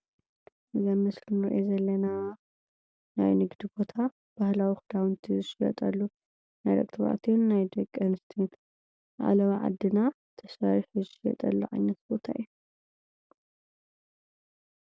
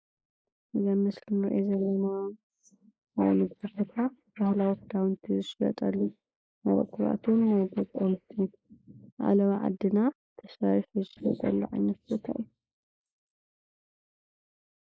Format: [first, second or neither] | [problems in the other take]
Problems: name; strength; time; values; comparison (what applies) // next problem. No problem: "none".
first | noise reduction (neural mask model Resemble Enhance denoiser)